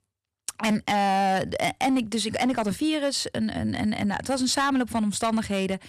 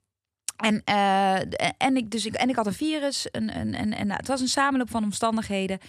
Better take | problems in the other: second | distortion; slight; 8% of the sound clipped

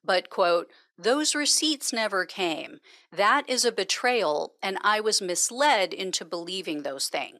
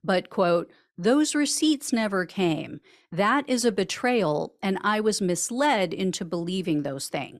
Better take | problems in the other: second | thin; somewhat; fading below 500 Hz

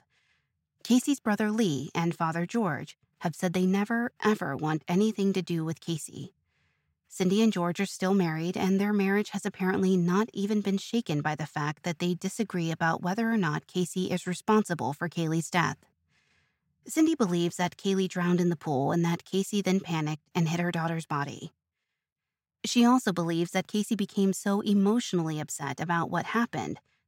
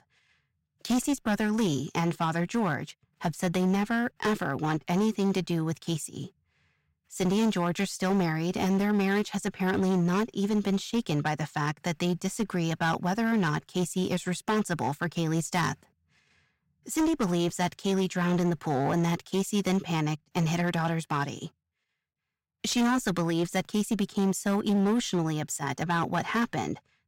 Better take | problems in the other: first | distortion; slight; 15% of the sound clipped

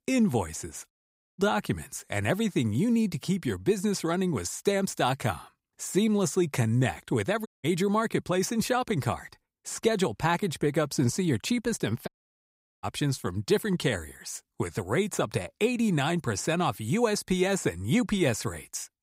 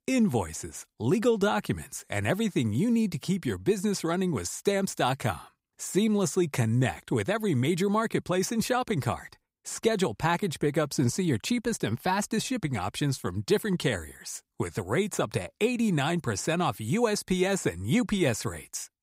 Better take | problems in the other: second | audio cutting out; at 1 s, at 7.5 s and at 12 s for 1 s

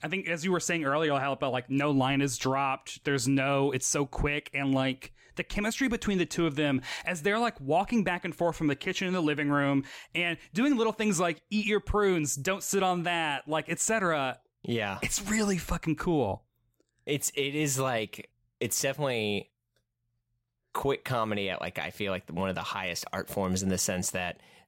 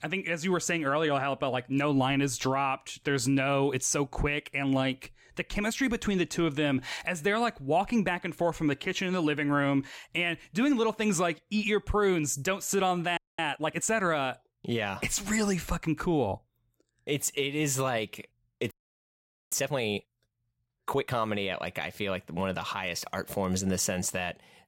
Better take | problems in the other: first | audio freezing; at 13 s and at 19 s for 1 s

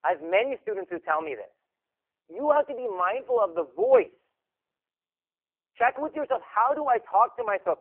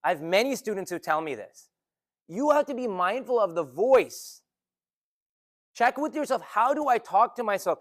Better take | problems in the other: second | phone-call audio; poor line; nothing above 3 kHz

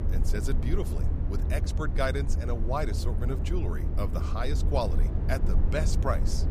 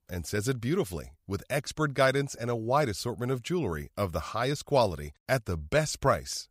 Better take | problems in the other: second | low rumble; loud; throughout; 8 dB below the speech

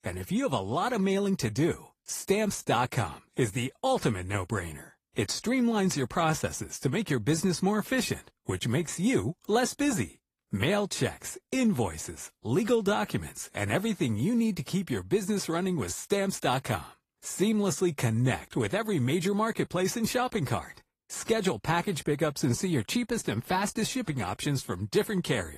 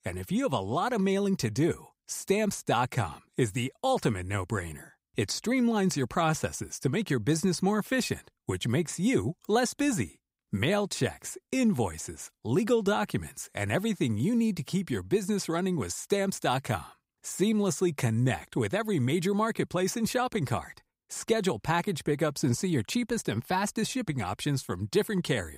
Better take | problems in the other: second | garbled, watery; slightly; nothing above 14.5 kHz

